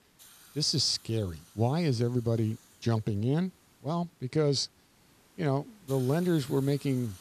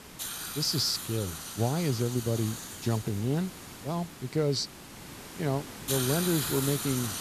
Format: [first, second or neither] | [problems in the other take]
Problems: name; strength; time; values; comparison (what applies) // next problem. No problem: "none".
first | hiss; loud; throughout; 5 dB below the speech; faint in the first